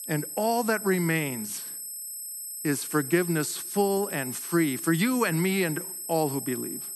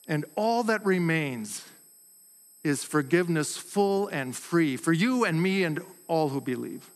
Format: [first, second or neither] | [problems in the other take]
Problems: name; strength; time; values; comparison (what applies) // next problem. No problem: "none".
second | high-pitched whine; loud; throughout; 8 kHz, 7 dB below the speech; faint in the second